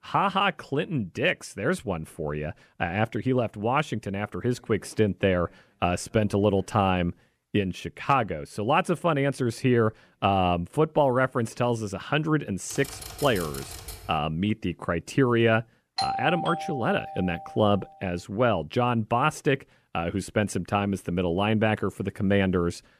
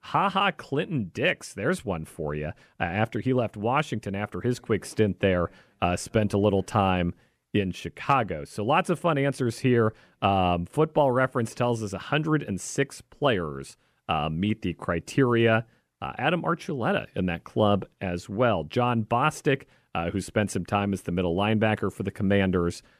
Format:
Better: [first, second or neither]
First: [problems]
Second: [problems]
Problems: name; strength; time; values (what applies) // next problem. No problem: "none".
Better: second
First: keyboard typing; faint; from 13 to 14 s; peak 10 dB below the speech // doorbell; noticeable; from 16 to 18 s; peak 2 dB below the speech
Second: none